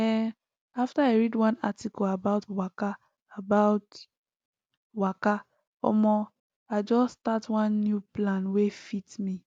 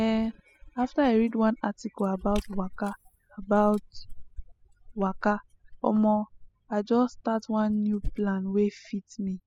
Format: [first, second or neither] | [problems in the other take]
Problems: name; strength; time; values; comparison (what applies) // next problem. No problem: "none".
first | noise reduction (classical method spectral subtraction)